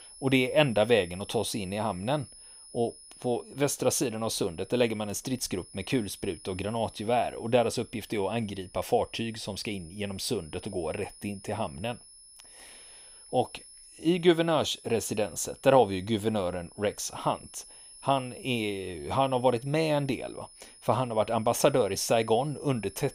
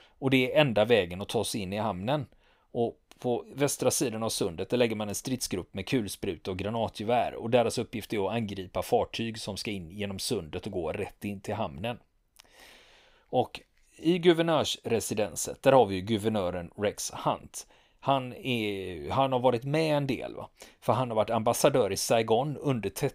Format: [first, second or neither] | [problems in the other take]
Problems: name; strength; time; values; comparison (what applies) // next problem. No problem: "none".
second | high-pitched whine; faint; throughout; 10.5 kHz, 20 dB below the speech